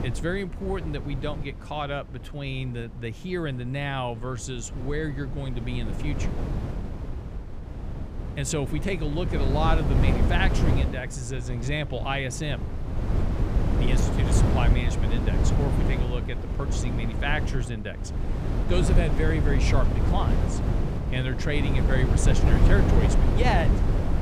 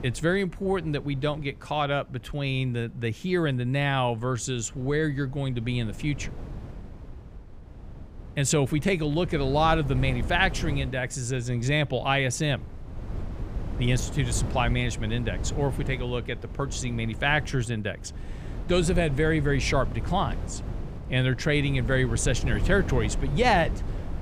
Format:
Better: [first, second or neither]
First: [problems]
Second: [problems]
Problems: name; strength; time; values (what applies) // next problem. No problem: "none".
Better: second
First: wind noise on the microphone; heavy; 4 dB below the speech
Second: wind noise on the microphone; occasional gusts; 15 dB below the speech